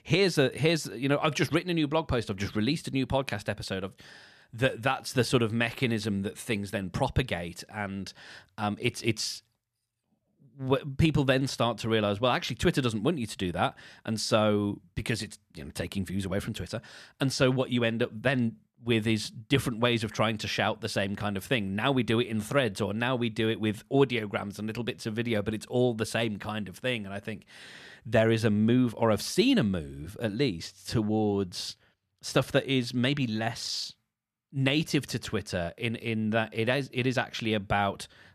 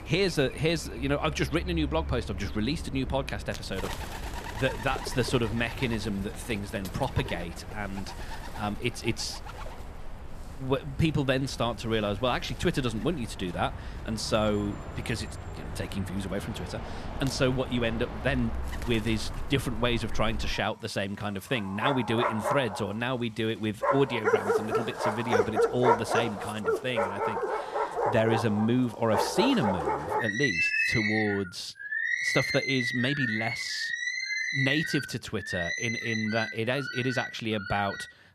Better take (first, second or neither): first